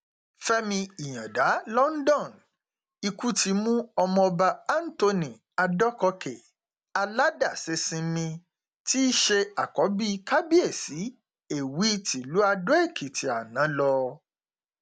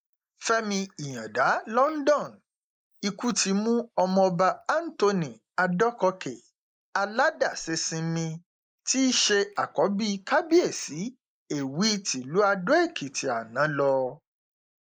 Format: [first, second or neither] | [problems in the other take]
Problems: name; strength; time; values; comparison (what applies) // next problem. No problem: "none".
first | noise reduction (neural mask model Resemble Enhance denoiser)